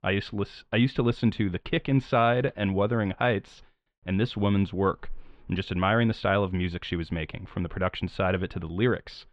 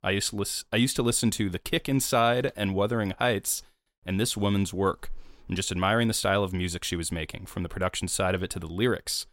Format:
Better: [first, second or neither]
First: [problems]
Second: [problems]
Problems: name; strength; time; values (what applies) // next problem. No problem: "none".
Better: second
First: muffled; very; fading above 3 kHz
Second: none